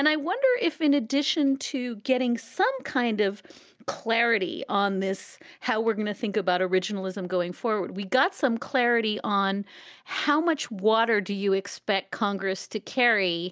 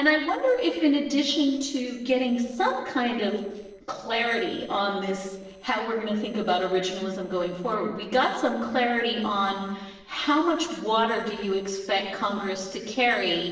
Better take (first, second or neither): first